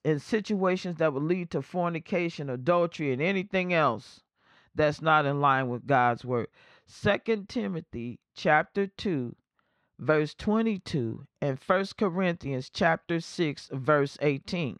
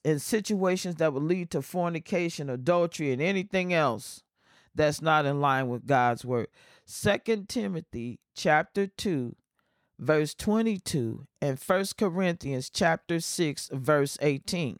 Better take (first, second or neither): second